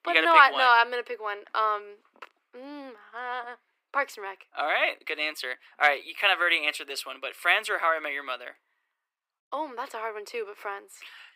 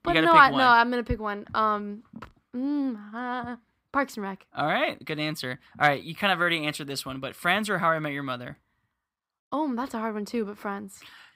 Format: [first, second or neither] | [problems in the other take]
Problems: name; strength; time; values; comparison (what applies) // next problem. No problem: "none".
second | thin; very; fading below 350 Hz